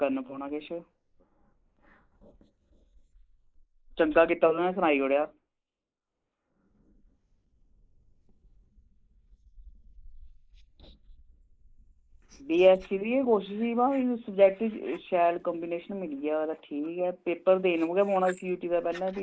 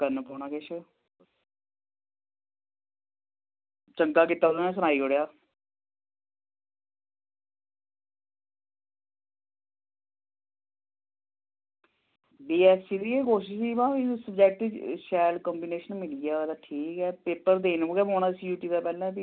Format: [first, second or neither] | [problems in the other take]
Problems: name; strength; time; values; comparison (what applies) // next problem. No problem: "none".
second | noise reduction (neural mask model Resemble Enhance denoiser)